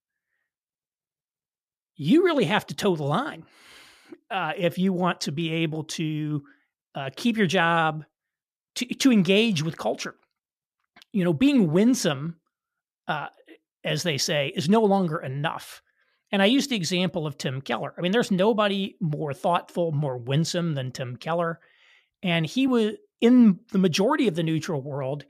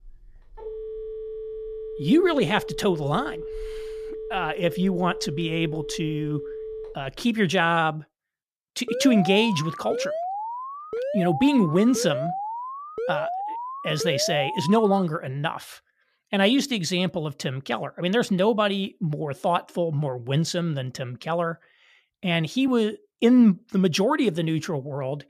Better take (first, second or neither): first